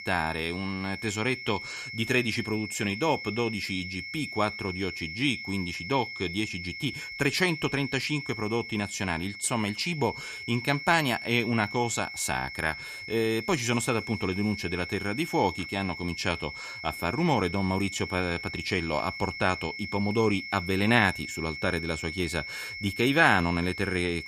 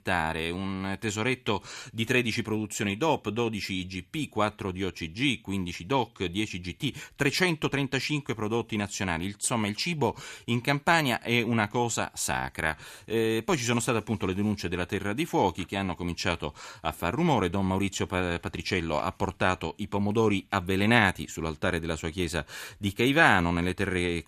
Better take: second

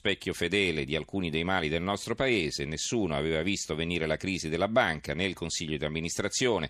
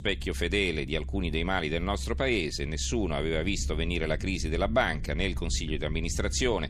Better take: first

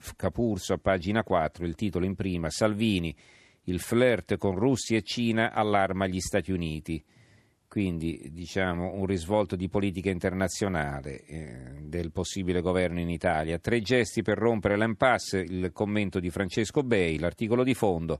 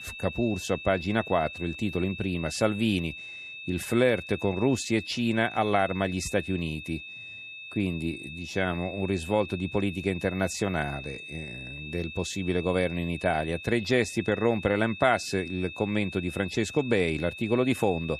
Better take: first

